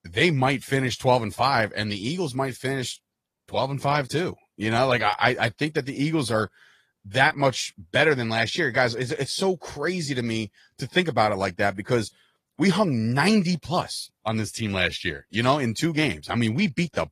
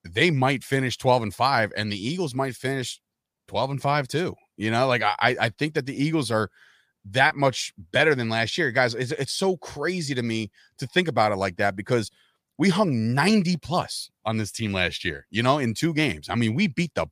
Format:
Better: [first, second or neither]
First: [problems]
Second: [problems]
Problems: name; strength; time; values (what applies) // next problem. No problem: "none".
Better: second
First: garbled, watery; slightly; nothing above 14.5 kHz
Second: none